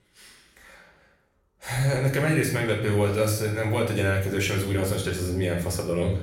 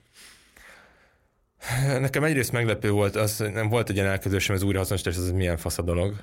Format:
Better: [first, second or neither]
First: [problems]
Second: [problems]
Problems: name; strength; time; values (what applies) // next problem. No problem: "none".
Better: second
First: room echo; slight; dies away in 0.6 s // off-mic speech; somewhat distant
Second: none